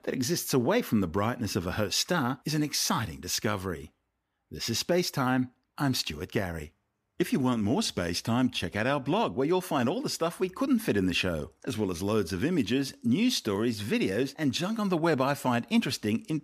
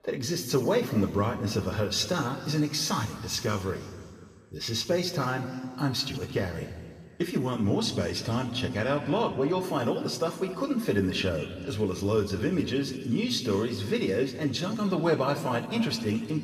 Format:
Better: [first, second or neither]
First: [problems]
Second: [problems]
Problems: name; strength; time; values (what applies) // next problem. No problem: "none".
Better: first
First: none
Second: room echo; slight; dies away in 2 s